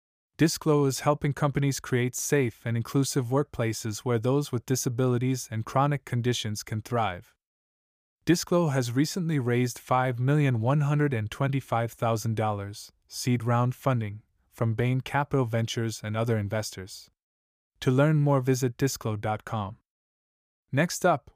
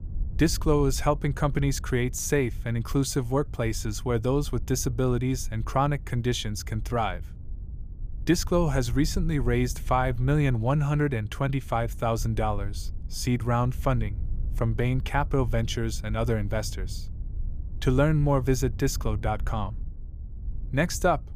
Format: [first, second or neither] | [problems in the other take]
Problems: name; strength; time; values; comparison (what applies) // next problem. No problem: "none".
first | wind noise on the microphone; occasional gusts; 25 dB below the speech